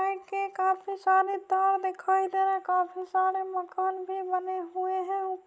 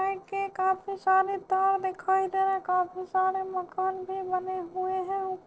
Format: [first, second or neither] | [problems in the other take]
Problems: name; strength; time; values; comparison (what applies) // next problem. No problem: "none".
first | noise reduction (neural separator model SepFormer DNS4)